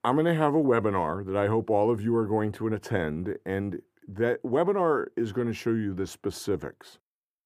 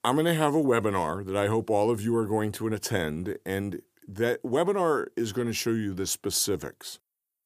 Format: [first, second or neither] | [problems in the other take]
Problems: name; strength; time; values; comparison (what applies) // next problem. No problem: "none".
second | muffled; slightly; fading above 3 kHz